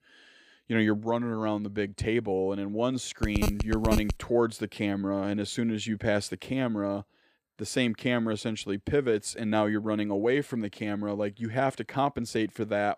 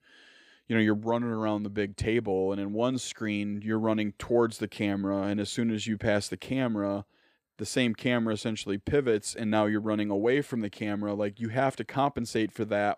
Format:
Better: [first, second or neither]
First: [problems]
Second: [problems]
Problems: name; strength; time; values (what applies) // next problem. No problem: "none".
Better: second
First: phone ringing; noticeable; at 3 s; peak 1 dB below the speech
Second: none